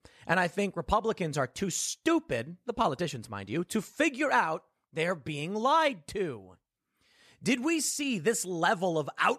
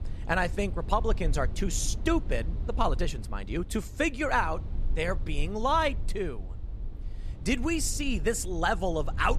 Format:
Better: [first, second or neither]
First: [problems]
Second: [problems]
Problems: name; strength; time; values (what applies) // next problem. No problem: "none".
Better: first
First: none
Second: low rumble; faint; throughout; 20 dB below the speech